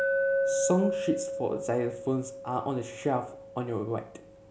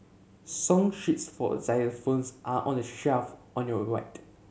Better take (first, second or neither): second